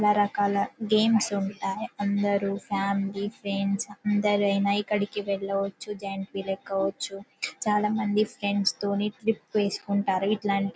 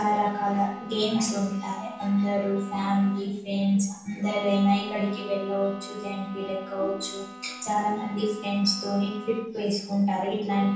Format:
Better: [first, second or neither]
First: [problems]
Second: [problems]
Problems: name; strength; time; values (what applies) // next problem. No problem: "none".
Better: first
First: none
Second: background sound (Bowed string instrument); 16 dB below the speech // room echo; dies away in 0.7 s